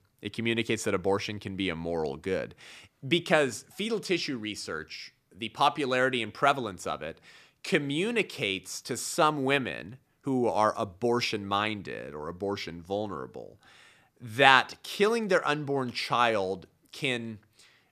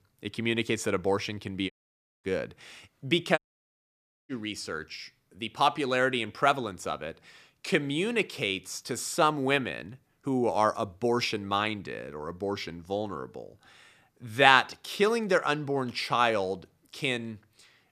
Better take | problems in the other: first | audio cutting out; at 1.5 s for 0.5 s and at 3.5 s for 1 s

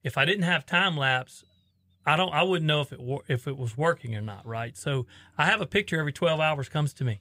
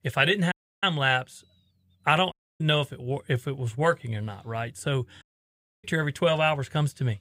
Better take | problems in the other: first | audio cutting out; at 0.5 s, at 2.5 s and at 5 s for 0.5 s

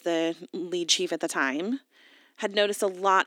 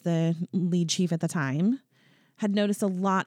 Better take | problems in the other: second | thin; very; fading below 300 Hz

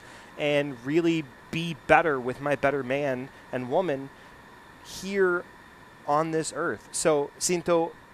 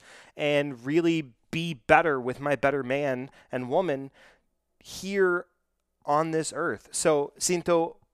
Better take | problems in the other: second | hiss; faint; throughout; 20 dB below the speech

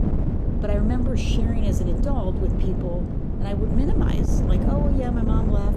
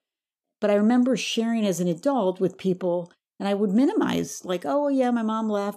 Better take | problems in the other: second | wind noise on the microphone; heavy; 1 dB below the speech

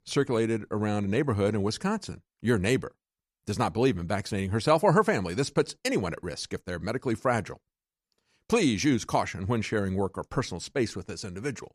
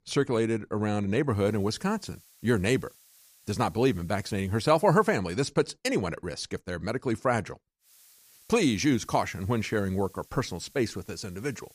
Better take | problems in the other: first | hiss; faint; from 1.5 to 5 s and from 8 s on; 25 dB below the speech

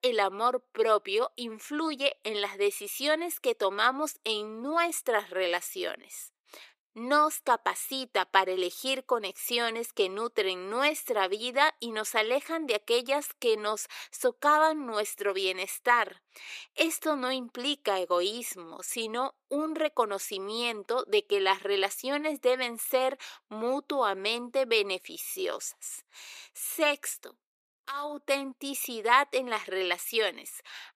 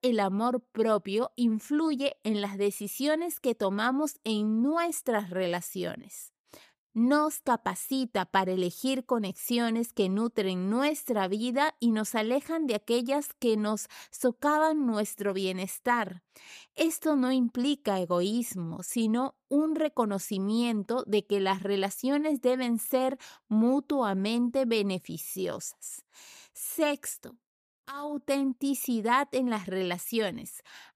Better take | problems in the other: second | thin; somewhat; fading below 400 Hz

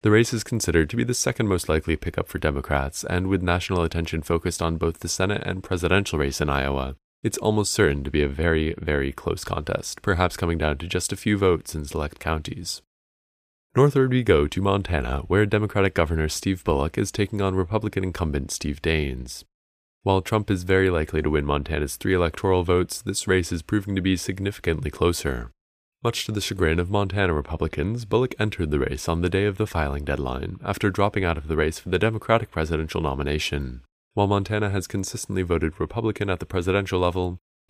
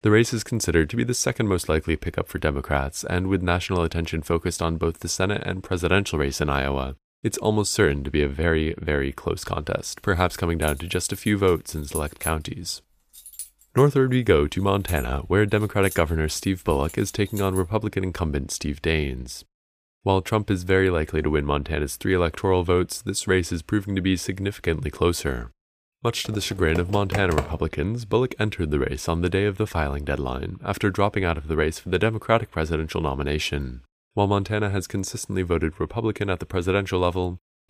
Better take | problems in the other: first | jangling keys; noticeable; from 10 to 18 s; peak 7 dB below the speech // keyboard typing; noticeable; from 26 to 28 s; peak 4 dB below the speech

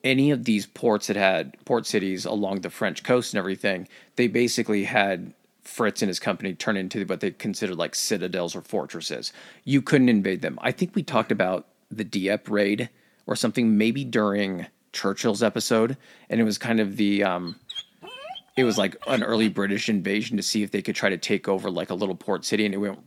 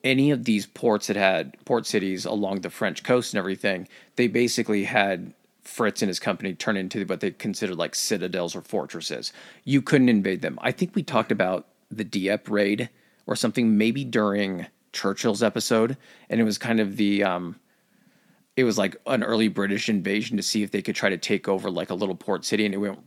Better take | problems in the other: second | dog barking; noticeable; from 17 to 19 s; peak 9 dB below the speech

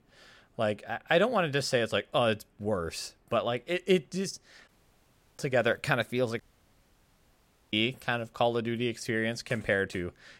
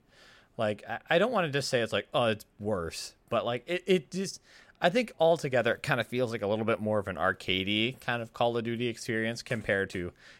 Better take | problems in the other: second | audio cutting out; at 4.5 s for 0.5 s and at 6.5 s for 1.5 s

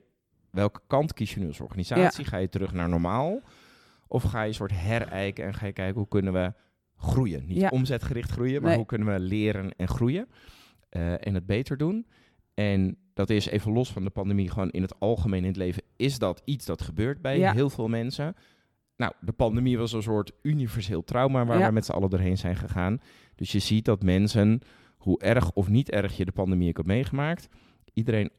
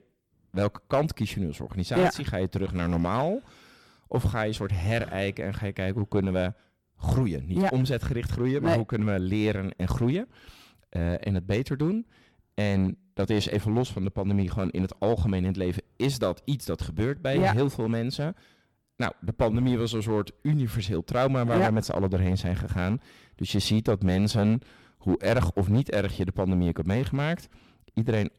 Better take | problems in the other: first | distortion; slight; 4% of the sound clipped

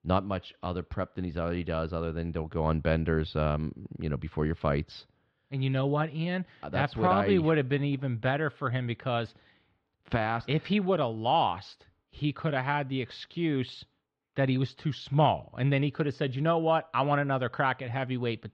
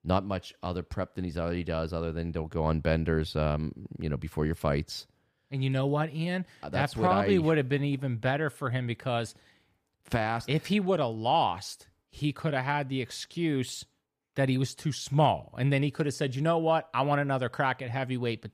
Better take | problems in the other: second | muffled; slightly; fading above 3.5 kHz

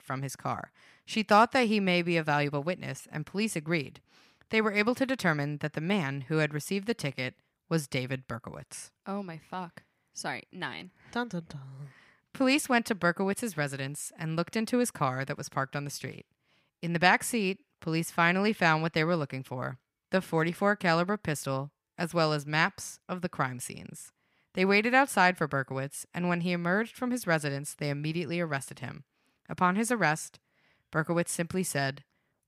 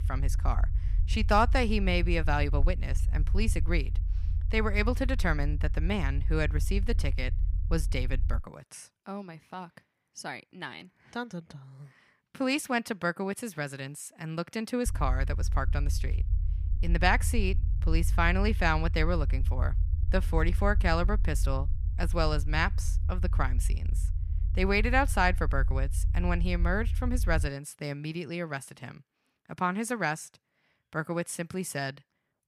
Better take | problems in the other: first | low rumble; noticeable; until 8.5 s and from 15 to 27 s; 20 dB below the speech

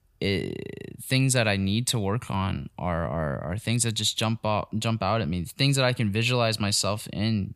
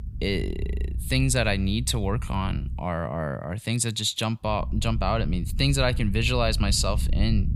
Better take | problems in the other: first | low rumble; faint; until 3 s and from 4.5 s on; 20 dB below the speech

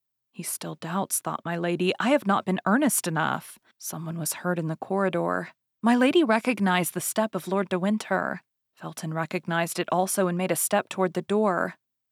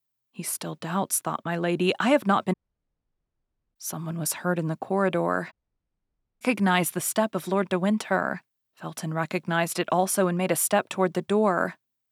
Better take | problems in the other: first | audio cutting out; at 2.5 s for 1 s and at 5.5 s for 1 s

